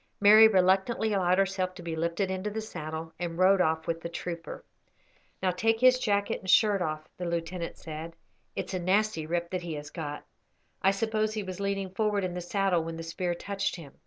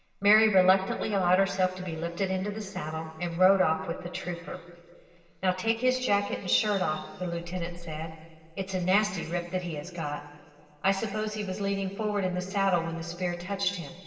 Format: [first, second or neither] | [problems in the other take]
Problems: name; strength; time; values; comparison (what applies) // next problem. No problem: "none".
first | room echo; dies away in 2.5 s